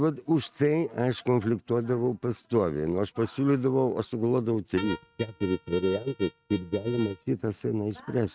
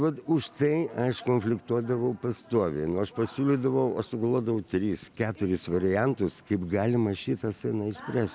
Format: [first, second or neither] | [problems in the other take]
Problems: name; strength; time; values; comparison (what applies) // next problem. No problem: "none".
second | noise reduction (neural mask model RNNoise)